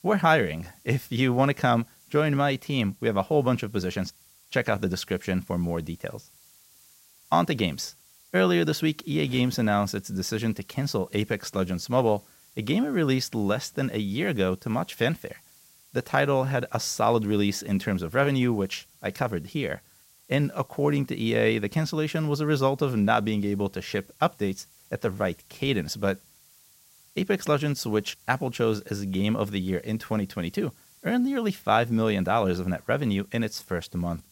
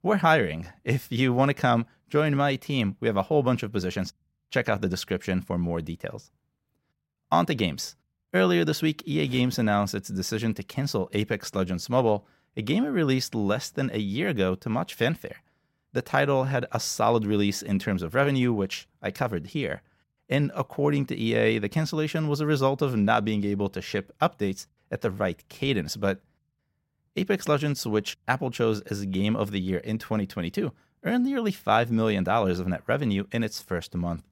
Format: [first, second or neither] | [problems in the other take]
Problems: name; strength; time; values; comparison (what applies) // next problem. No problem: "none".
second | hiss; faint; throughout; 30 dB below the speech